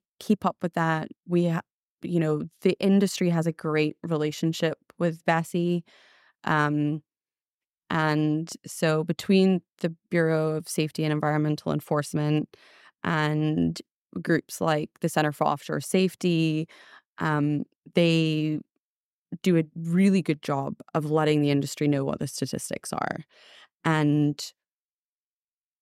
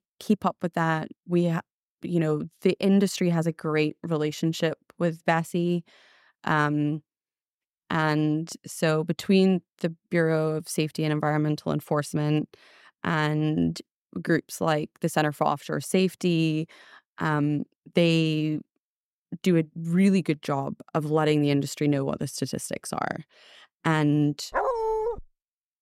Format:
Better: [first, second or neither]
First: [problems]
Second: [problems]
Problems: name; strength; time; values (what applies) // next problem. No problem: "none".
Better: first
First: none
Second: dog barking; loud; at 25 s; peak level with the speech